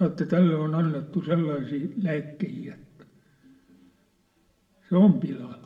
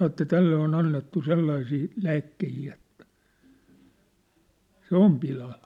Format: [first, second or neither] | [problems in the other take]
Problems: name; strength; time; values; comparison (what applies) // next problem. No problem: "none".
second | room echo; dies away in 1 s